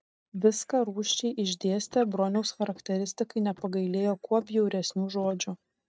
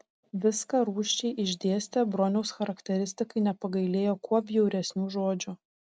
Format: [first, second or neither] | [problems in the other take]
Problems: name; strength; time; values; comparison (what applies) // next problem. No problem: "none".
second | noise reduction (neural mask model DeepFilterNet 3)